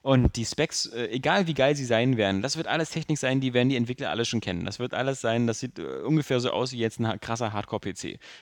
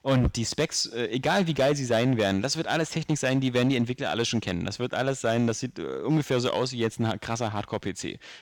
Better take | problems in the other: first | distortion; slight; 5% of the sound clipped

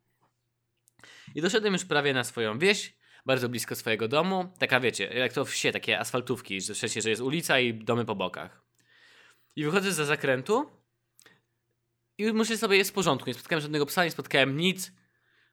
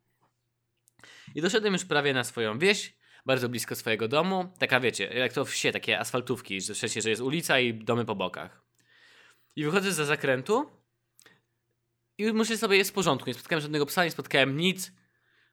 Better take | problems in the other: neither | none

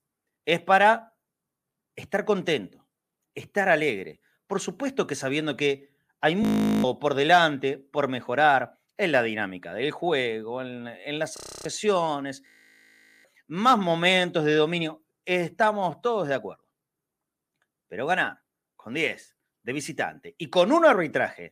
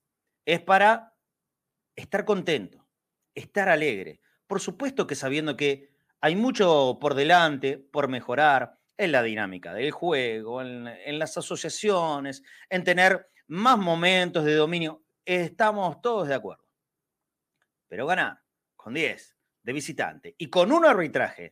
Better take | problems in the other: second | audio freezing; at 6.5 s, at 11 s and at 12 s for 1 s

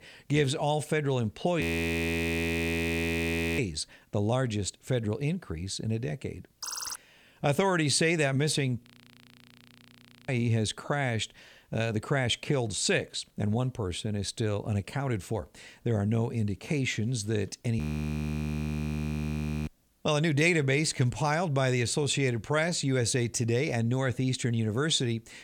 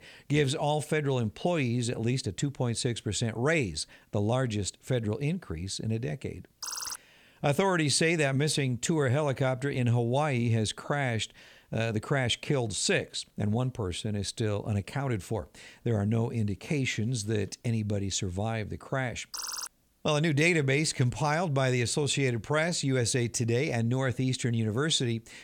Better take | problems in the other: second | audio freezing; at 1.5 s for 2 s, at 9 s for 1.5 s and at 18 s for 2 s

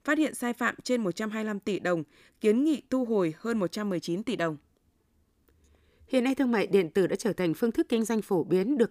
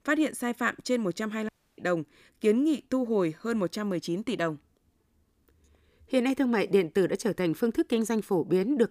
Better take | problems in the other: first | audio cutting out; at 1.5 s

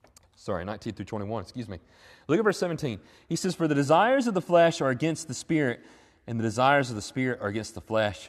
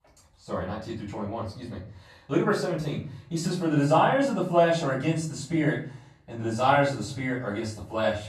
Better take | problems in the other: first | off-mic speech; far // room echo; noticeable; dies away in 0.5 s

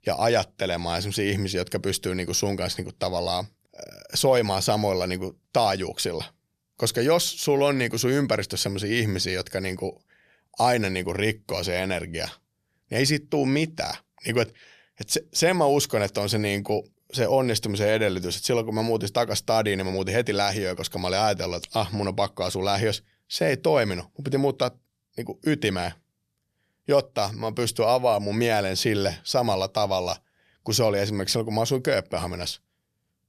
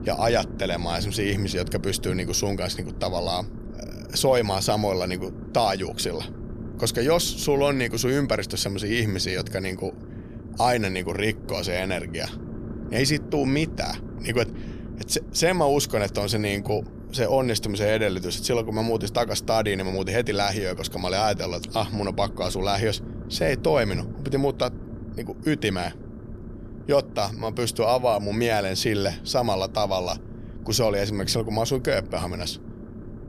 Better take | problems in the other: first | low rumble; noticeable; throughout; 20 dB below the speech

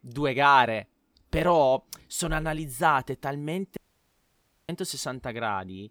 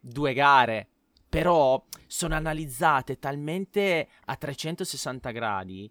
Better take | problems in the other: second | audio cutting out; at 4 s for 1 s

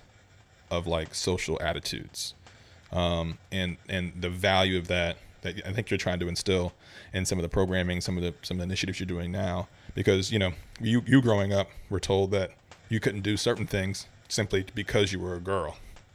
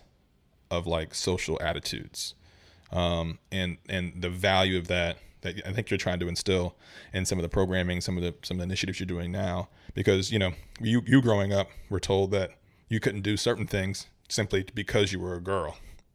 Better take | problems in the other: second | hiss; faint; throughout; 30 dB below the speech

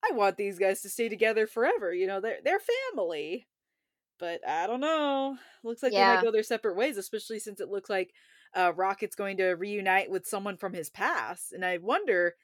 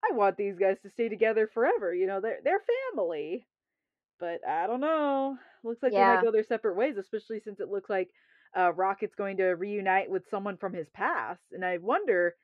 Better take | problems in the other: first | muffled; very; fading above 2 kHz

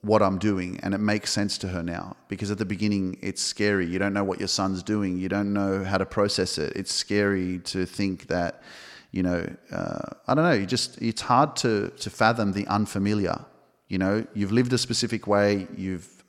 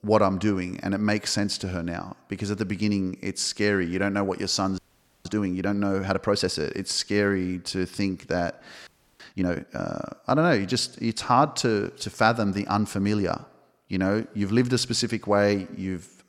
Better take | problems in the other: first | audio freezing; at 5 s and at 9 s

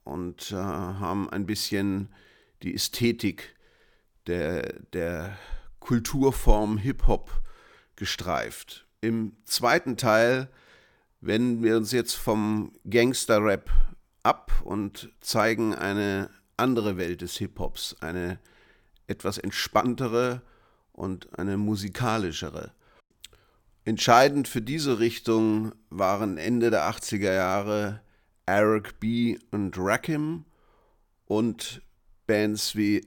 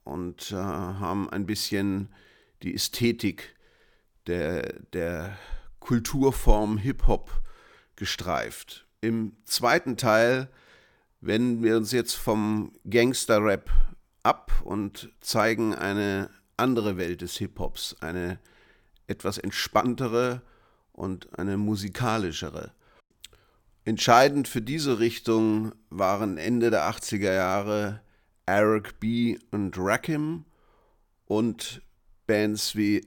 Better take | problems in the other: neither | none

